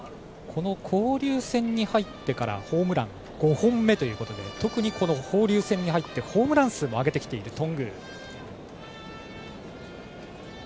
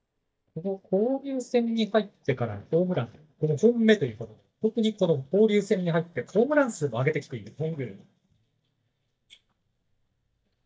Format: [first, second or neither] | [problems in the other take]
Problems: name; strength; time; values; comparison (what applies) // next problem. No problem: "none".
first | noise reduction (neural mask model DeepFilterNet 3)